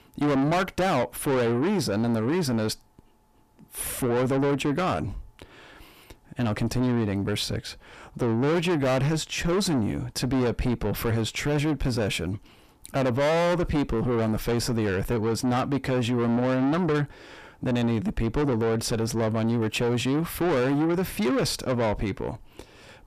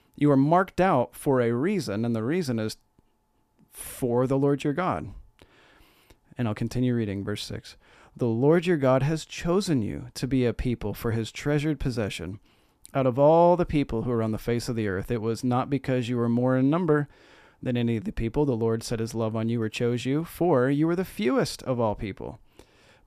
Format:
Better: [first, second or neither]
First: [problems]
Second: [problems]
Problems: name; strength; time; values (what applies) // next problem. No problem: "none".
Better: second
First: distortion; heavy; 6 dB below the speech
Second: none